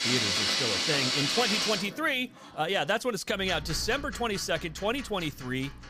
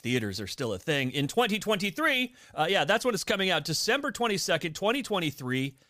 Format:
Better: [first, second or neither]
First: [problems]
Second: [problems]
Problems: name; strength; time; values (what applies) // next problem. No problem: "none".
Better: second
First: household noises; very loud; throughout; 3 dB above the speech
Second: none